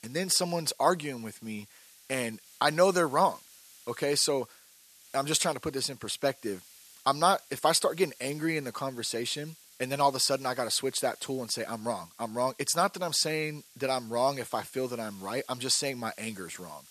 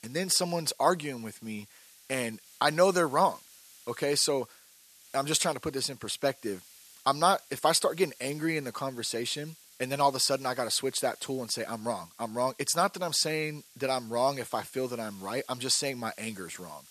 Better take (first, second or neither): neither